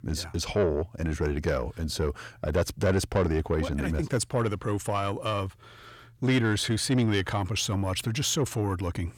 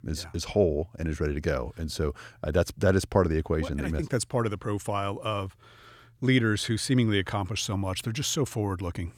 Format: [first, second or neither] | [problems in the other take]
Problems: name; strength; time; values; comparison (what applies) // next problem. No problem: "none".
second | distortion; slight; 10 dB below the speech